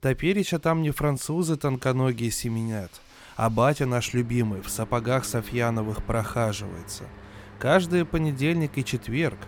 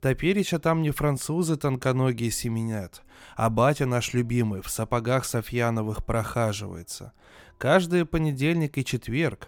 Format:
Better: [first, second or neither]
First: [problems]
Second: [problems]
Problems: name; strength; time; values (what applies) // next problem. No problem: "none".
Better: second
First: machinery noise; noticeable; throughout; 20 dB below the speech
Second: none